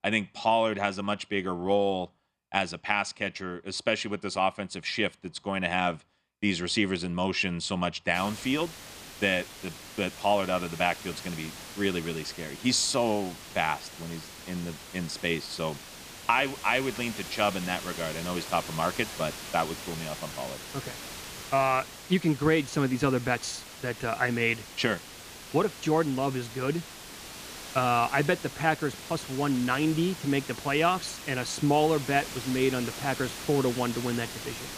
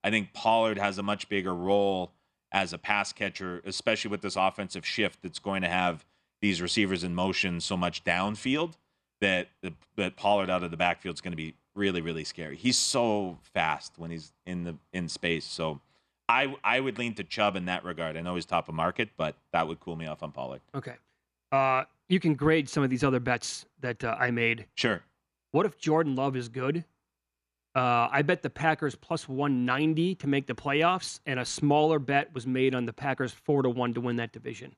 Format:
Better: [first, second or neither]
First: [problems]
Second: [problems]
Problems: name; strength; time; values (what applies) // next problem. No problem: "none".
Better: second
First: hiss; noticeable; from 8 s on; 10 dB below the speech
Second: none